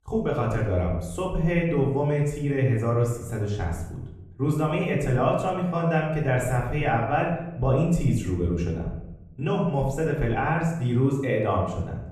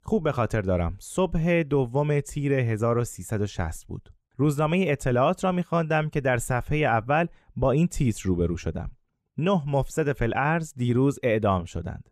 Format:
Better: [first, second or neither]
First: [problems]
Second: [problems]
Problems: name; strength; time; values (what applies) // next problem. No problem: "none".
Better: second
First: off-mic speech; far // room echo; noticeable; dies away in 0.8 s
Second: none